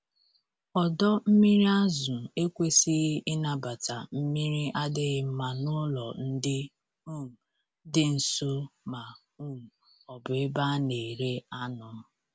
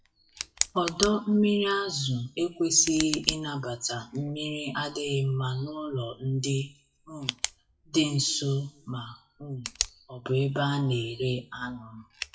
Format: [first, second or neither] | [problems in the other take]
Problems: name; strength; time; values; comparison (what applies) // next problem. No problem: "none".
first | noise reduction (classical method WPE with log-MMSE)